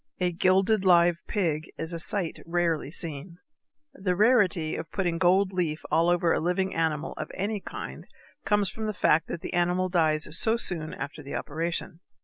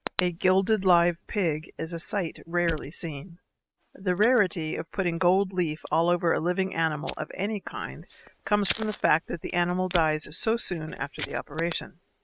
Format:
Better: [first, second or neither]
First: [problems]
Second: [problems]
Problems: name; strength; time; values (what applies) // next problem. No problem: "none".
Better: first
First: none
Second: noise reduction (neural mask model RNNoise)